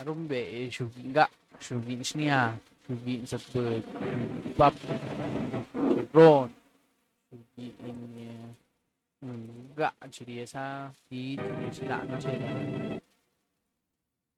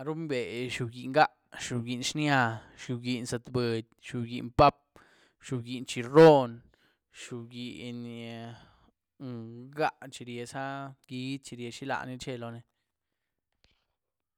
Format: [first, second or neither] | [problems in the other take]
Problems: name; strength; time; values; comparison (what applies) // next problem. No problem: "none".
second | noise reduction (neural mask model RNNoise)